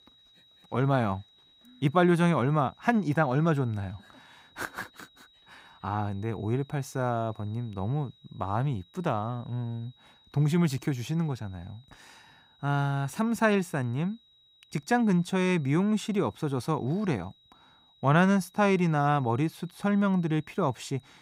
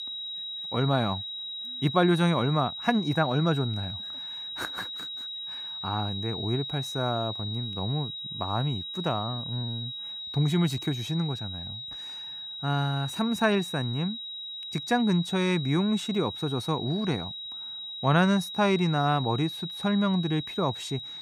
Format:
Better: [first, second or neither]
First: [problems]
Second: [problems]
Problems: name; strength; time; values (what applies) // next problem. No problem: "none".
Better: first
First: high-pitched whine; faint; throughout; 4 kHz, 30 dB below the speech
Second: high-pitched whine; loud; throughout; 4 kHz, 7 dB below the speech